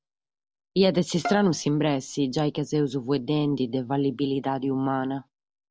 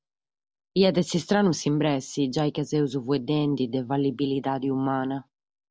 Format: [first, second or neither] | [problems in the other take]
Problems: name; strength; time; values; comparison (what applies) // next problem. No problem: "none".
second | background sound (Bowed string instrument); 15 dB below the speech